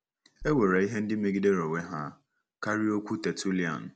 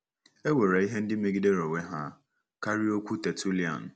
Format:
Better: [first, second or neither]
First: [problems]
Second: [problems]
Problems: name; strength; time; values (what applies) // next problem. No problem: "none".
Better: second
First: background sound (Bass drum); 20 dB below the speech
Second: none